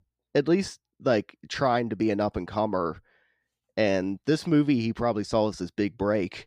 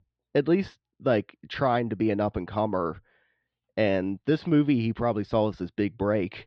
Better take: first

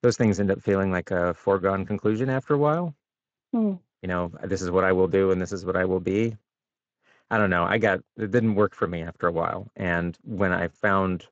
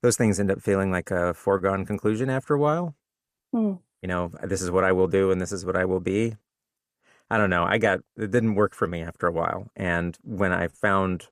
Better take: second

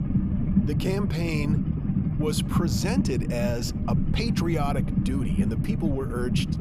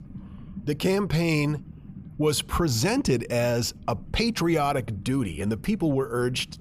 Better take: second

